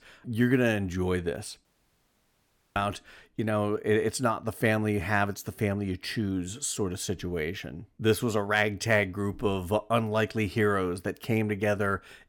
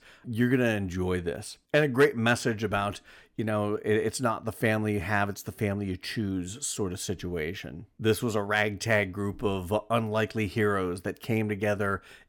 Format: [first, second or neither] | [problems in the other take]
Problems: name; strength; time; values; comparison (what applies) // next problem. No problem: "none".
second | audio cutting out; at 1.5 s for 1 s